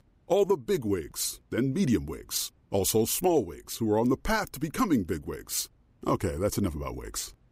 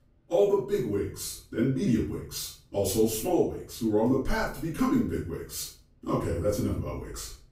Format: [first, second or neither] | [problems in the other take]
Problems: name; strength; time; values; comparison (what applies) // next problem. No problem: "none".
first | off-mic speech; far // room echo; noticeable; dies away in 0.5 s